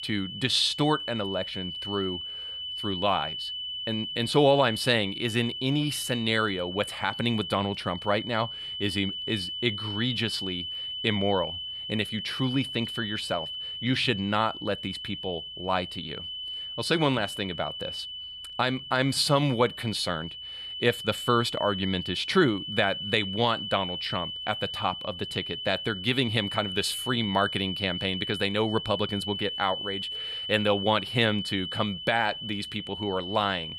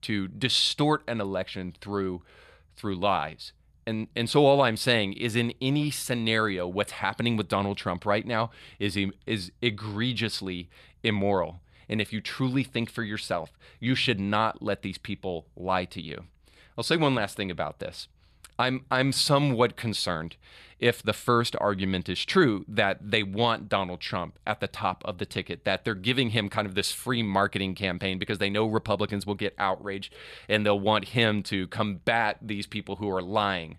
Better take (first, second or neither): second